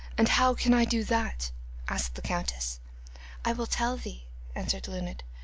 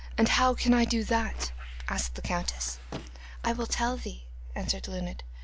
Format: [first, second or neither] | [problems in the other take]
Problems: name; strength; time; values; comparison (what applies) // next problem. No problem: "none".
first | background sound (Squeak); 17 dB below the speech